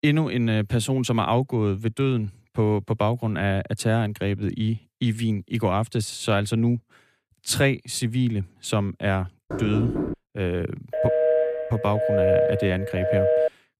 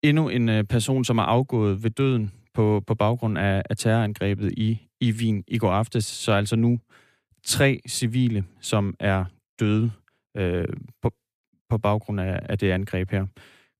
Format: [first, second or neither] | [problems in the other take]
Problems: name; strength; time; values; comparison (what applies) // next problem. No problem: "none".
second | door banging; noticeable; at 9.5 s; peak 2 dB below the speech // phone ringing; loud; from 11 s on; peak 5 dB above the speech